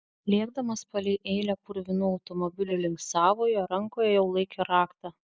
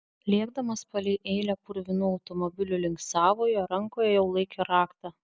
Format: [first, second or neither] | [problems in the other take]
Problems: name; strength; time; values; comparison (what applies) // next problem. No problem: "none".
second | noise reduction (neural mask model Resemble Enhance denoiser)